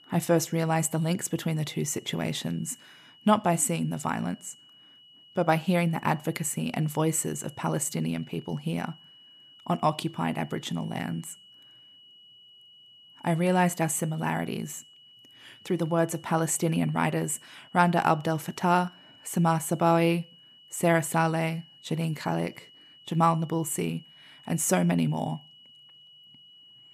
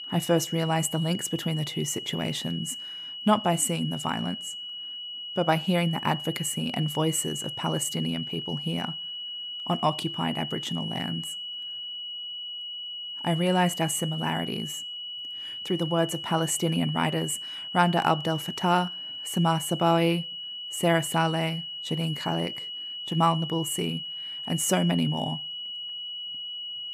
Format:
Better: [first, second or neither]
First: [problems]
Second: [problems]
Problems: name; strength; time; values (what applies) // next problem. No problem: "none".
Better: first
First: high-pitched whine; faint; throughout; 3 kHz, 25 dB below the speech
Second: high-pitched whine; loud; throughout; 3 kHz, 6 dB below the speech